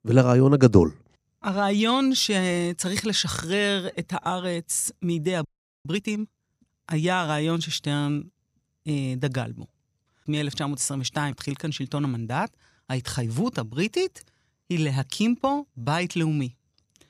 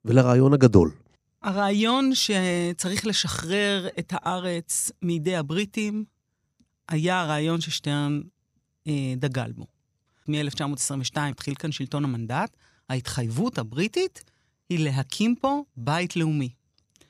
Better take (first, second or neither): second